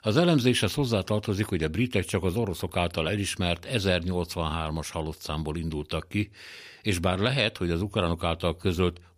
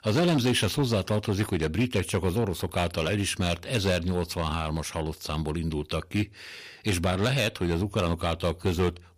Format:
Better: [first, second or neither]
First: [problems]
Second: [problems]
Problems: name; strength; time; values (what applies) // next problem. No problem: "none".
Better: first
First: none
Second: distortion; slight; 6% of the sound clipped